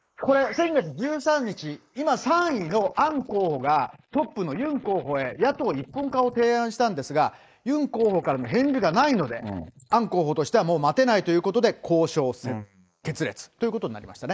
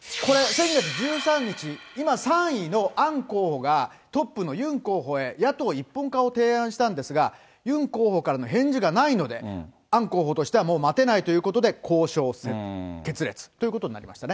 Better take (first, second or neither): second